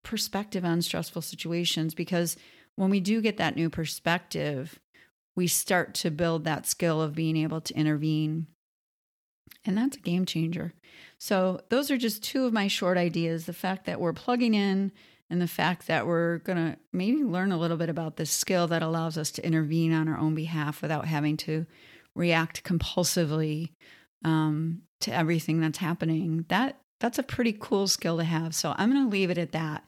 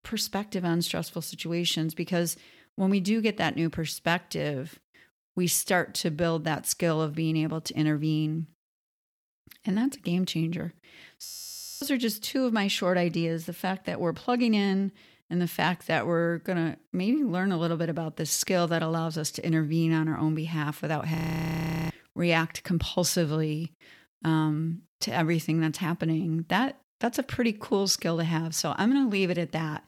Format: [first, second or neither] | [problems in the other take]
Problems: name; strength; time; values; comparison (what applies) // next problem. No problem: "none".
first | audio freezing; at 11 s for 0.5 s and at 21 s for 1 s